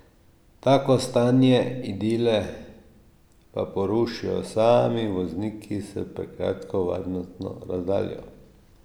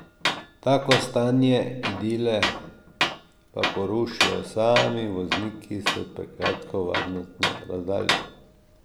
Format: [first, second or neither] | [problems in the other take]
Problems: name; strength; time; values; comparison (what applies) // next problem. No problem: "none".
first | background sound (Tools); 3 dB below the speech